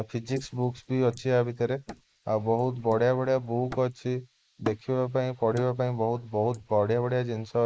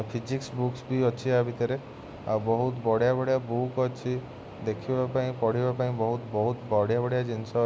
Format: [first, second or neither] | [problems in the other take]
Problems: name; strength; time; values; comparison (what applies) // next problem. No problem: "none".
second | noise reduction (neural mask model Resemble Enhance denoiser)